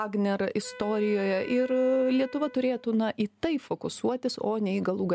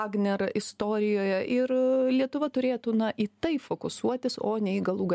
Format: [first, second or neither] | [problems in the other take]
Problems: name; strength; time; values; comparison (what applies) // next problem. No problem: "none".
second | background sound (Wind instrument, woodwind instrument); 19 dB below the speech